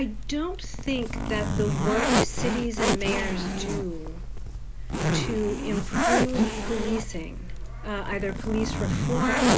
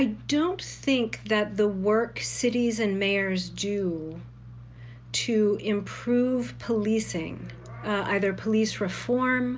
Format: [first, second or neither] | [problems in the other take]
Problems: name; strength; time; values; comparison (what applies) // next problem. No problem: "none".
second | background sound (Zipper (clothing)); 4 dB above the speech